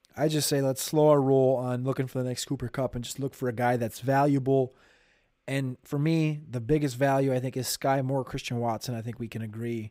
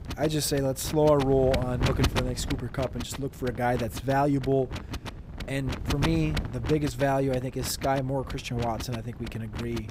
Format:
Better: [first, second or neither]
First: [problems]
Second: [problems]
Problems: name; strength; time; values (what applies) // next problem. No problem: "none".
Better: first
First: none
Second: wind noise on the microphone; heavy; 9 dB below the speech